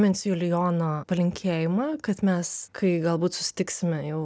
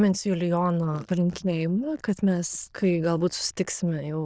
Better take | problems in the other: first | noise reduction (neural diffusion model UNIVERSE++)

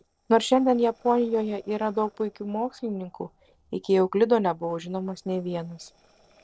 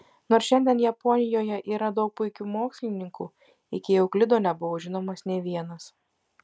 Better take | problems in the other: second | noise reduction (neural separator model SepFormer DNS4)

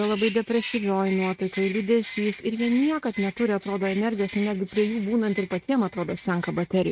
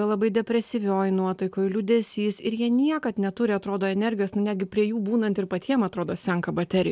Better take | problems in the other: second | noise reduction (neural mask model RNNoise)

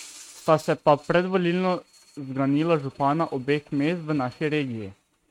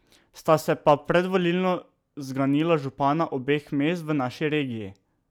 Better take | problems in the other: second | noise reduction (neural mask model RNNoise)

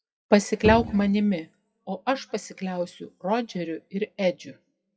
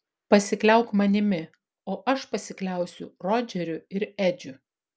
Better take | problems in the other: second | noise reduction (classical method WPE with log-MMSE)

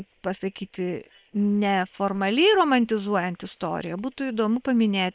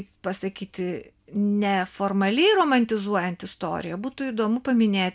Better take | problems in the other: second | noise reduction (neural separator model SepFormer WHAM!)

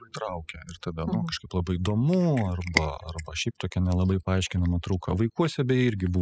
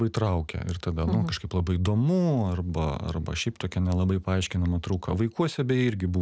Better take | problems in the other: second | noise reduction (classical method spectral subtraction)

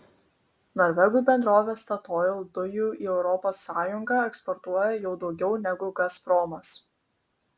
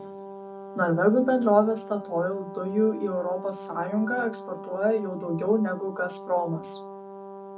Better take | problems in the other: first | background sound (Brass instrument); 13 dB below the speech // room echo; dies away in 0.4 s

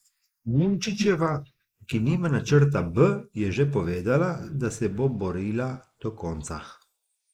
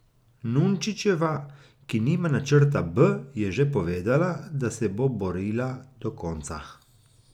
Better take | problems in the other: second | noise reduction (neural mask model Resemble Enhance denoiser)

